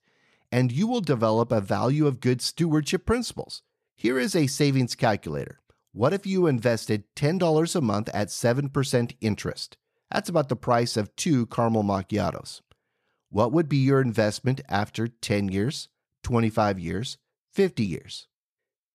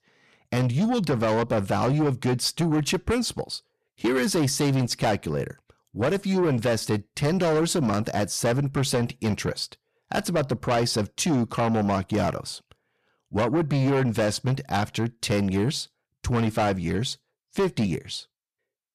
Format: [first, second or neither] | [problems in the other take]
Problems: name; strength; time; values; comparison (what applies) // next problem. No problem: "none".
first | distortion; heavy; 8 dB below the speech